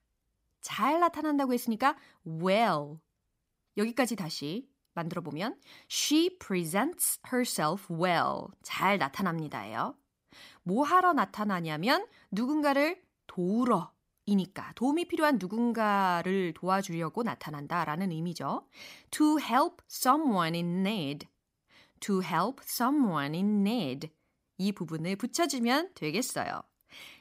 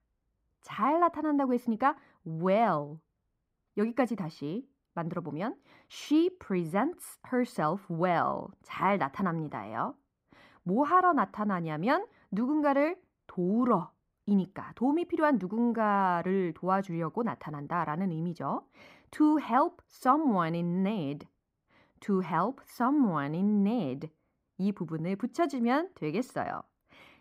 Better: first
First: none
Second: muffled; very; fading above 2.5 kHz

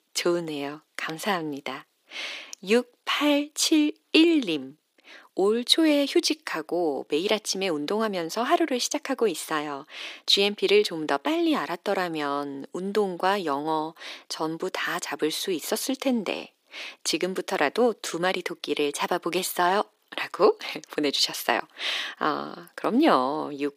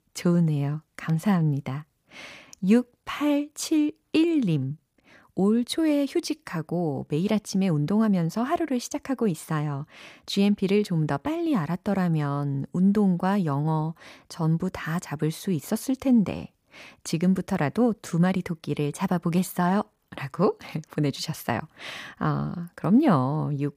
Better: second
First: thin; somewhat; fading below 350 Hz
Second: none

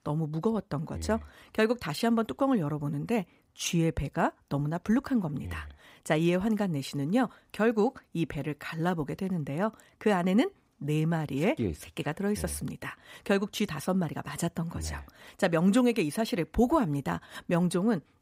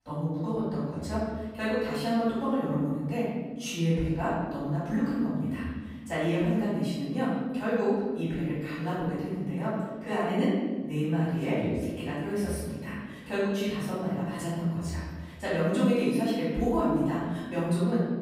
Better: first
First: none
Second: off-mic speech; far // room echo; strong; dies away in 1.4 s

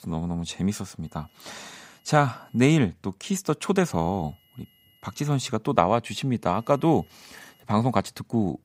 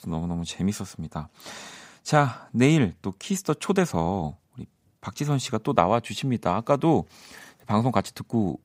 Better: second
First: high-pitched whine; faint; from 1 to 3 s, from 4 to 5.5 s and from 6.5 to 7.5 s; 3 kHz, 35 dB below the speech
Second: none

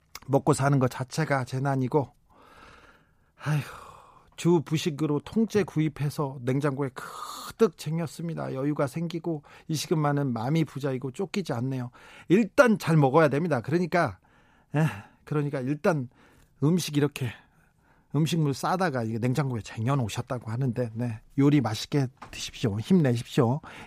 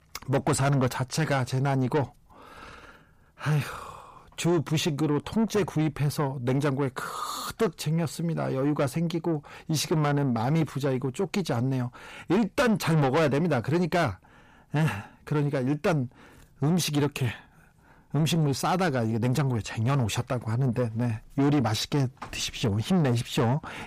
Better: first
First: none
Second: distortion; heavy; 8 dB below the speech

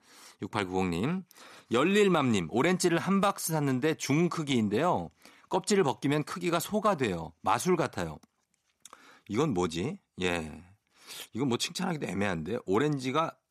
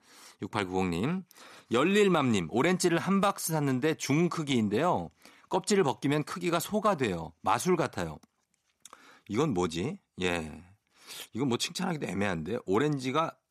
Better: neither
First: none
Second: none

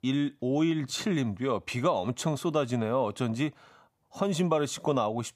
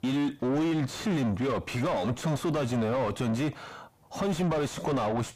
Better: first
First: none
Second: distortion; heavy; 6 dB below the speech

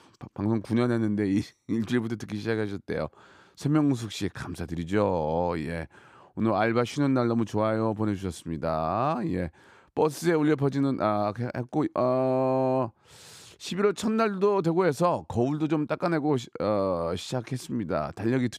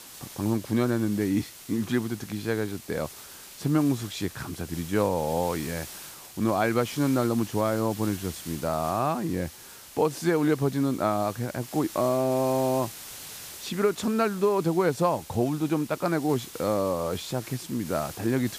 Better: first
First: none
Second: hiss; noticeable; throughout; 15 dB below the speech

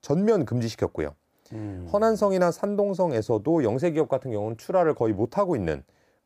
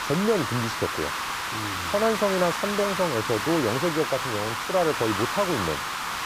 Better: first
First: none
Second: hiss; loud; throughout; 2 dB below the speech

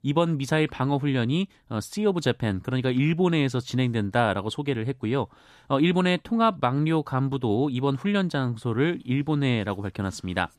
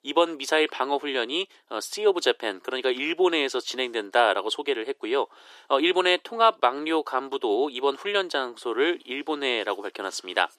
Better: first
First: none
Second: thin; very; fading below 350 Hz

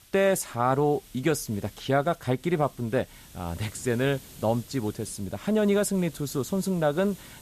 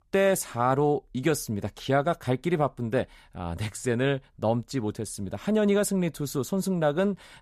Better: second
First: hiss; faint; throughout; 20 dB below the speech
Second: none

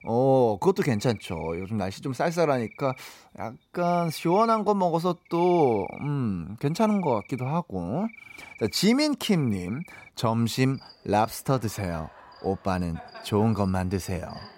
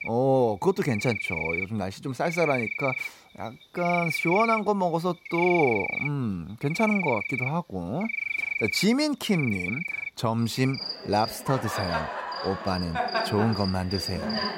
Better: first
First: animal sounds; faint; throughout; 20 dB below the speech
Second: animal sounds; loud; throughout; 3 dB below the speech

